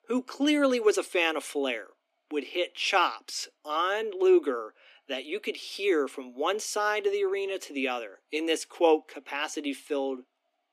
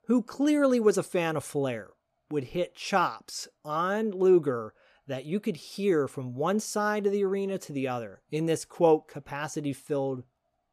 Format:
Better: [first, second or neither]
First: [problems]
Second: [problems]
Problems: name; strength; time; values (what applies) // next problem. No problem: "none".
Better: second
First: thin; very slightly; fading below 250 Hz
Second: none